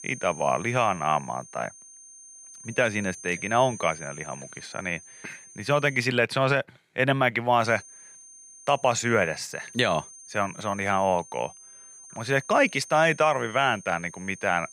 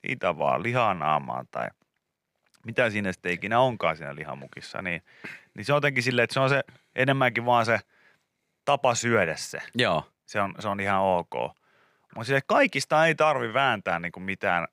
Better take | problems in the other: second | high-pitched whine; noticeable; until 6 s and from 7.5 s on; 6.5 kHz, 20 dB below the speech

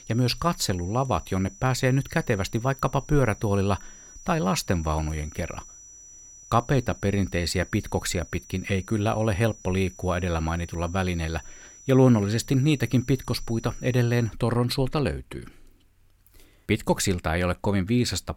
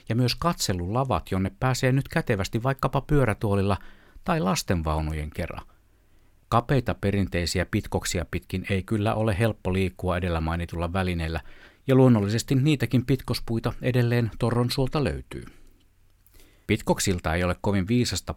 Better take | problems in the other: second | high-pitched whine; faint; until 14 s; 6 kHz, 20 dB below the speech

